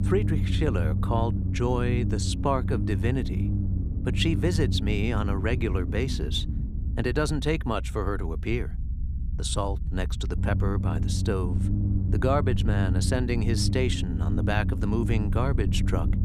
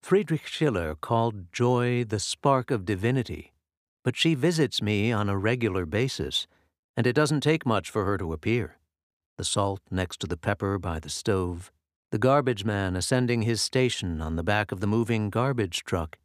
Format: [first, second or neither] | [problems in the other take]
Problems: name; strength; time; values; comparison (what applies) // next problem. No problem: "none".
second | low rumble; loud; throughout; 9 dB below the speech